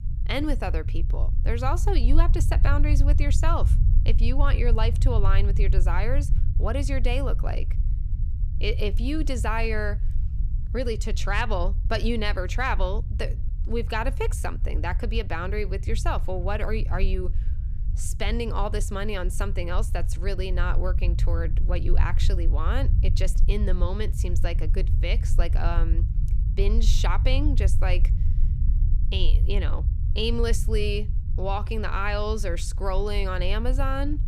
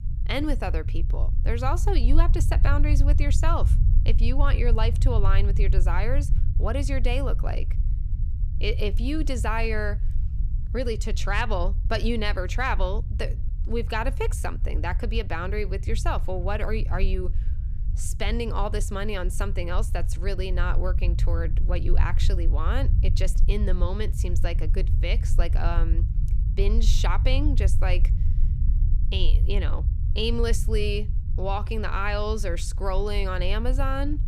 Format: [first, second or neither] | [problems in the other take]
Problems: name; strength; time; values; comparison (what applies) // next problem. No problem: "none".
neither | low rumble; noticeable; throughout; 15 dB below the speech; the same in both